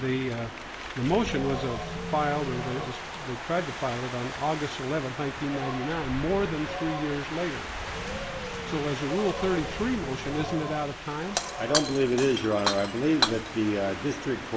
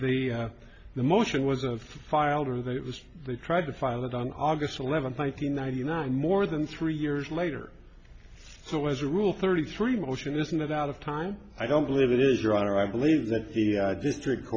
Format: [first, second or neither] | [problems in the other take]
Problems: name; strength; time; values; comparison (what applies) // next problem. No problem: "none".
second | background sound (Shatter + Wind); 5 dB below the speech